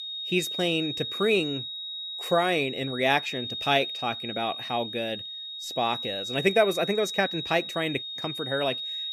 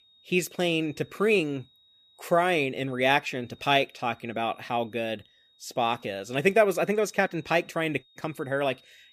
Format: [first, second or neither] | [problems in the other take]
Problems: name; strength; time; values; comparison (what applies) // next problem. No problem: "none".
second | high-pitched whine; loud; throughout; 3.5 kHz, 5 dB below the speech; faint in the second